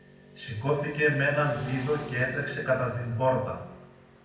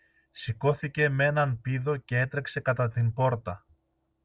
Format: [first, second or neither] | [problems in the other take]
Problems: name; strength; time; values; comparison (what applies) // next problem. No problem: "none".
second | background sound (Motorcycle / Traffic noise, roadway noise); 15 dB below the speech // room echo; dies away in 0.9 s